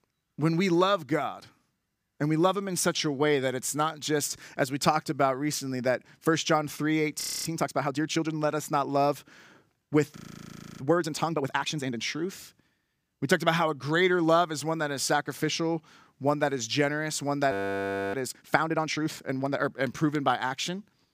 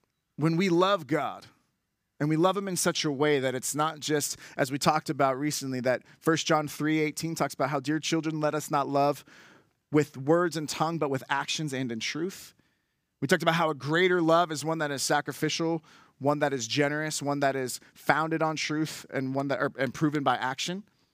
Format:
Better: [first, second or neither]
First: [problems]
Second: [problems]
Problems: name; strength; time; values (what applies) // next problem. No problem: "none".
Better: second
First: audio freezing; at 7 s, at 10 s for 0.5 s and at 18 s for 0.5 s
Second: none